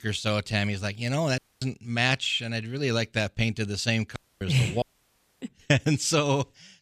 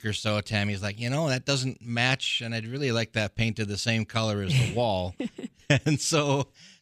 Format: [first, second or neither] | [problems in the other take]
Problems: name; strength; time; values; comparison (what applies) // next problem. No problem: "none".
second | audio cutting out; at 1.5 s, at 4 s and at 5 s for 0.5 s